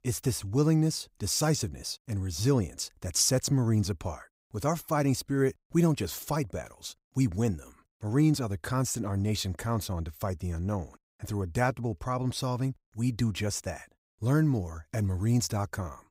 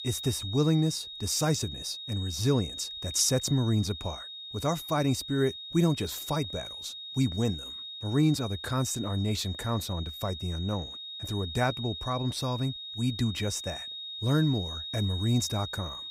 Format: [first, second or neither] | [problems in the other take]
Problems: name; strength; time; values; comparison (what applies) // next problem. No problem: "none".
first | high-pitched whine; loud; throughout; 3.5 kHz, 8 dB below the speech